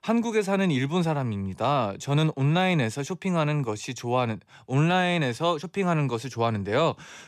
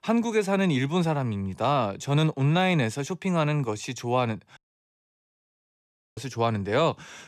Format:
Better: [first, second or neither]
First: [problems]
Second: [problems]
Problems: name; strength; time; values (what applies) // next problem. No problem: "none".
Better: first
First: none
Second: audio cutting out; at 4.5 s for 1.5 s